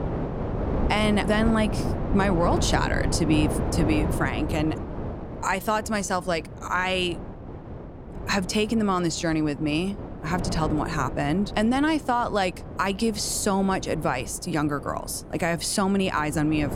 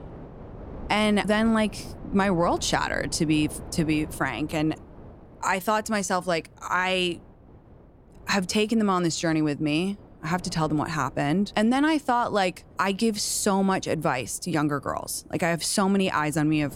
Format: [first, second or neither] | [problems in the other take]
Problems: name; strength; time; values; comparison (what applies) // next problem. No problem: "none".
second | wind noise on the microphone; heavy; 10 dB below the speech; occasional gusts in the second